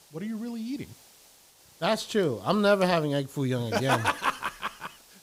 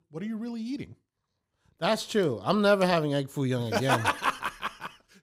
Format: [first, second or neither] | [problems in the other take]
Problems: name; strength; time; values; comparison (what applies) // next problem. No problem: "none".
second | hiss; faint; throughout; 25 dB below the speech